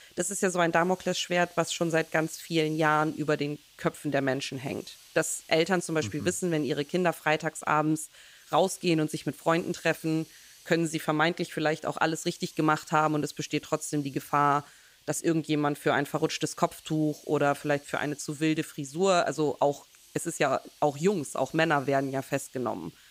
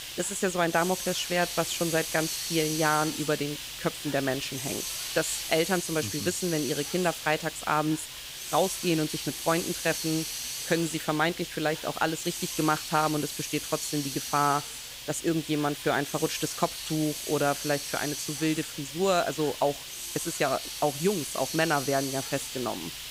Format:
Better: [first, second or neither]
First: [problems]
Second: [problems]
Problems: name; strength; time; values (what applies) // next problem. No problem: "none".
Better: first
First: hiss; faint; throughout; 25 dB below the speech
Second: hiss; loud; throughout; 5 dB below the speech